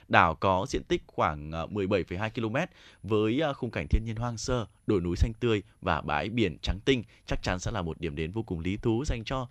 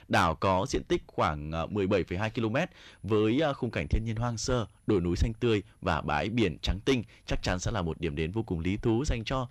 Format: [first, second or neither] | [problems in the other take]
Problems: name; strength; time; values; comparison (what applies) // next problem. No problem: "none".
first | distortion; slight; 10 dB below the speech